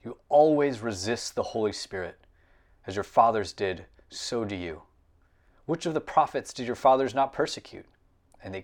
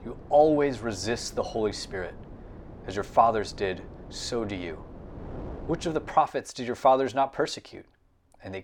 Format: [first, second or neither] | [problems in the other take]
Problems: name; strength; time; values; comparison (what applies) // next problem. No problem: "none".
first | wind noise on the microphone; occasional gusts; until 6 s; 20 dB below the speech